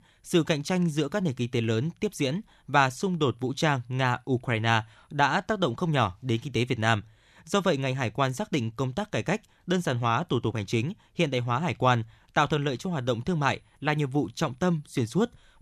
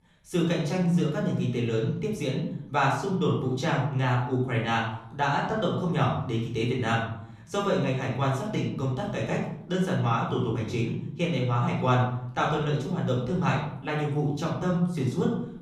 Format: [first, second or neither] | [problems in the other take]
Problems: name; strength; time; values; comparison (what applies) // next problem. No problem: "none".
first | off-mic speech; far // room echo; noticeable; dies away in 0.7 s